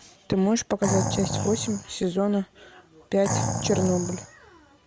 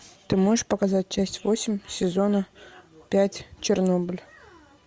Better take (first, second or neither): second